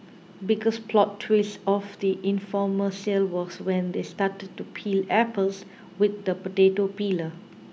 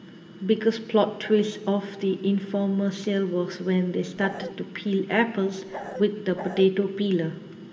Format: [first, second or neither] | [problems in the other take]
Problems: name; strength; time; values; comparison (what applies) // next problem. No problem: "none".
first | background sound (Bark); 11 dB below the speech // room echo; dies away in 1.5 s